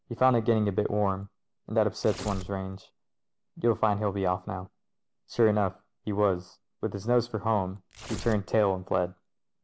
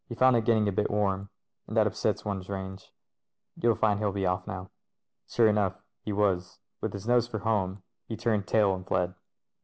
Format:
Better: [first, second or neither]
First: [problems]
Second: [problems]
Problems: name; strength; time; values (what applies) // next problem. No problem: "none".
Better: second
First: background sound (Tearing); 12 dB below the speech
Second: none